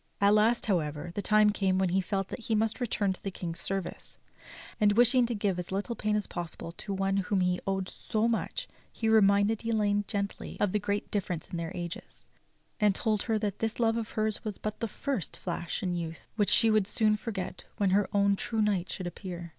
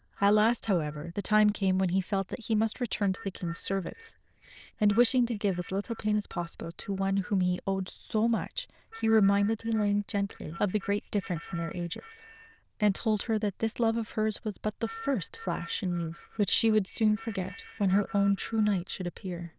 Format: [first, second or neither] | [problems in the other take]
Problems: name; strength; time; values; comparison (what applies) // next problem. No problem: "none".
first | noise reduction (neural diffusion model UNIVERSE++)